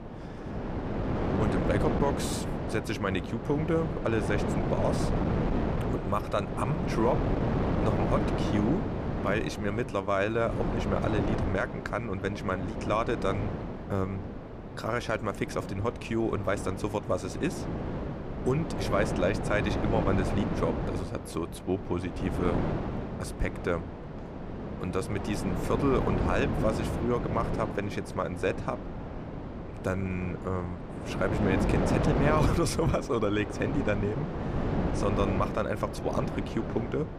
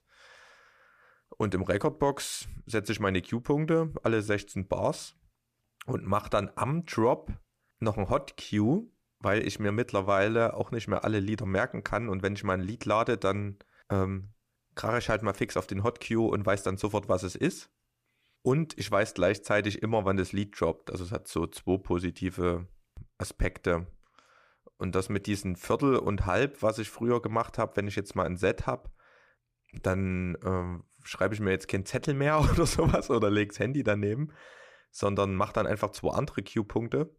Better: second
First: wind noise on the microphone; heavy; 4 dB below the speech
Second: none

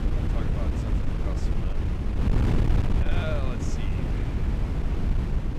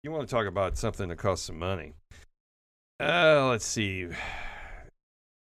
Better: second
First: wind noise on the microphone; heavy; 3 dB above the speech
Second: none

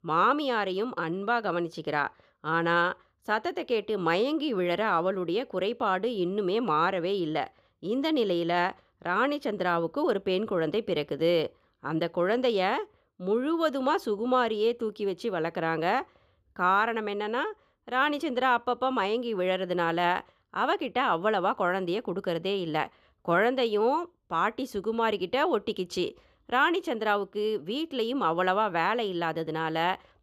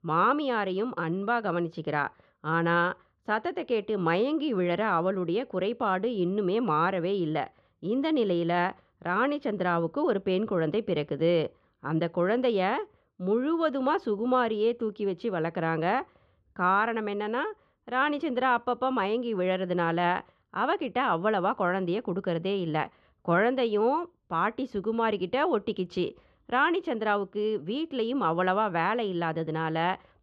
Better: first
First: none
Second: muffled; very slightly; fading above 3 kHz

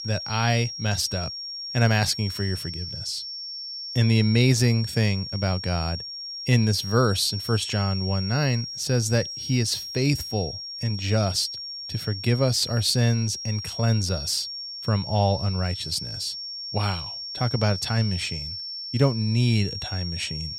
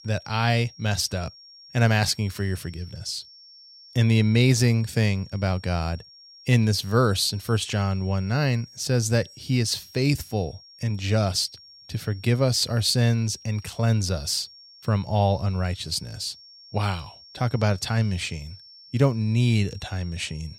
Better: second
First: high-pitched whine; loud; throughout; 5.5 kHz, 7 dB below the speech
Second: high-pitched whine; faint; throughout; 5.5 kHz, 20 dB below the speech

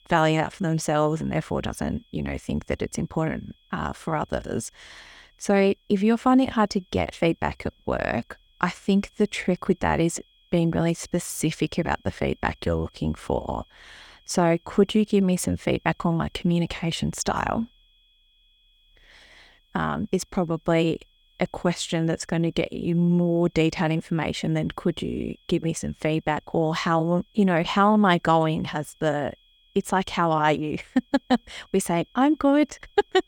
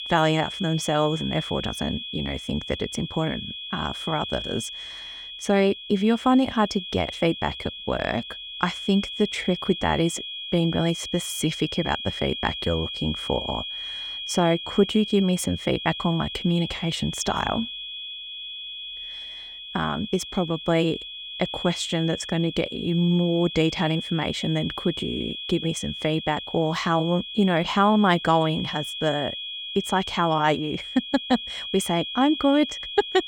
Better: first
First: high-pitched whine; faint; throughout; 3.5 kHz, 35 dB below the speech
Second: high-pitched whine; loud; throughout; 3.5 kHz, 8 dB below the speech

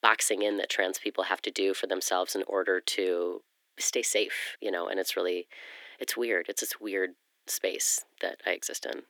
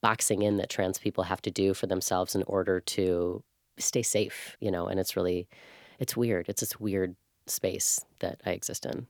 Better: second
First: thin; somewhat; fading below 300 Hz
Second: none

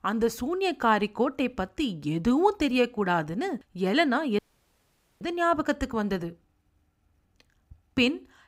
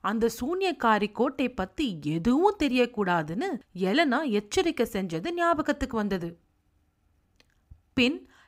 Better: second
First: audio cutting out; at 4.5 s for 1 s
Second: none

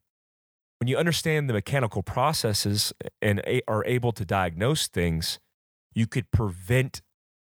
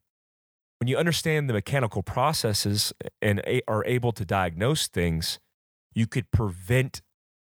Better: neither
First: none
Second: none

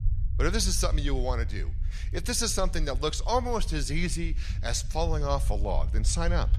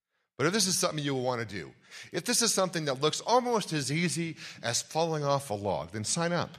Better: second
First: low rumble; faint; throughout; 20 dB below the speech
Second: none

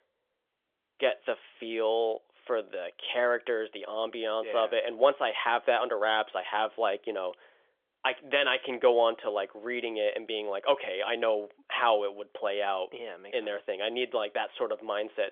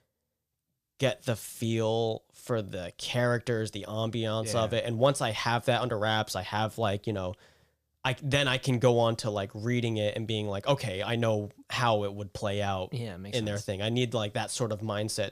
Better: second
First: phone-call audio; nothing above 3.5 kHz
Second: none

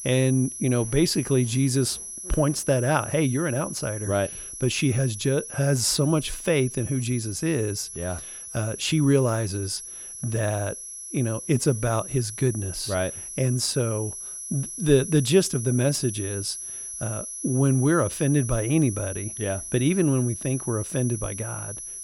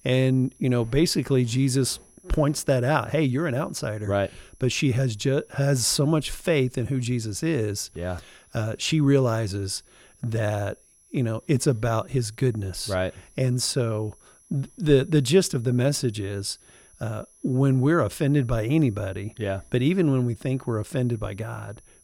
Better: second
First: high-pitched whine; loud; throughout; 11 kHz, 9 dB below the speech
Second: high-pitched whine; faint; throughout; 11 kHz, 30 dB below the speech

